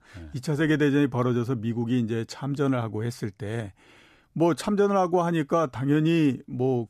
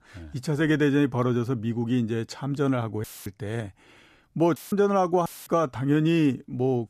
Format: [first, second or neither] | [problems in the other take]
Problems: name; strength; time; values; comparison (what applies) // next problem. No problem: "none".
first | audio cutting out; filled with static; at 3 s, at 4.5 s and at 5.5 s